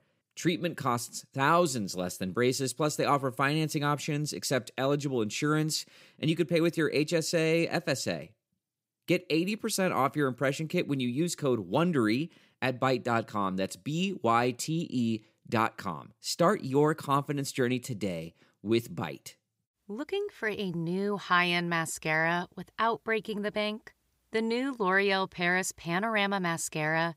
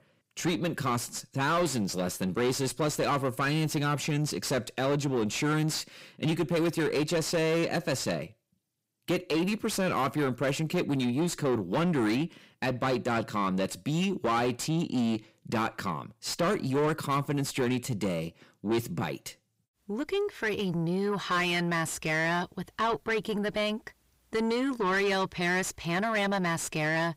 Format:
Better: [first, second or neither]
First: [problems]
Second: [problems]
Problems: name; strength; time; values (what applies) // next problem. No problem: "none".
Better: first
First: none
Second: distortion; heavy; 8 dB below the speech